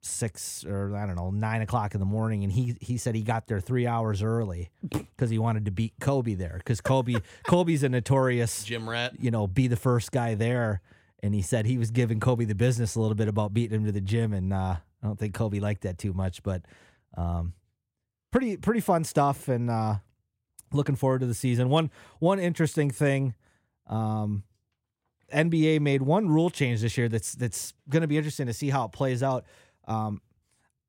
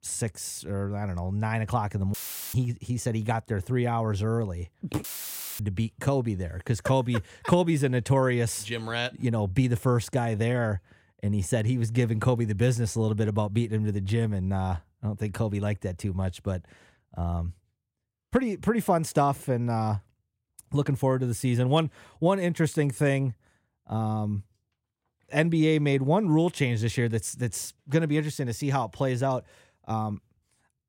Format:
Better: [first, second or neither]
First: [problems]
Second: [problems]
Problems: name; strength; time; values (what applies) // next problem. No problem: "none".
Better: first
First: none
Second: audio cutting out; filled with static; at 2 s and at 5 s for 0.5 s